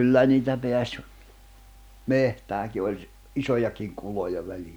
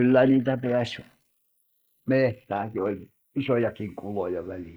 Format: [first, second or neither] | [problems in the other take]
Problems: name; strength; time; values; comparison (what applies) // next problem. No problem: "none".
first | noise reduction (neural mask model Resemble Enhance denoiser)